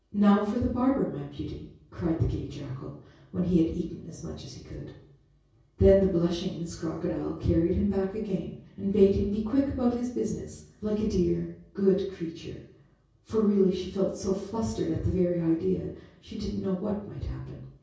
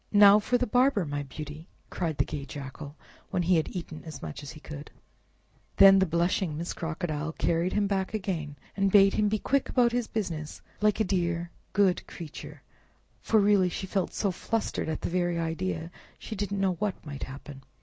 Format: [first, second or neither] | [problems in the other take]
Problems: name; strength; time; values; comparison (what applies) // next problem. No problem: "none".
second | room echo; dies away in 0.6 s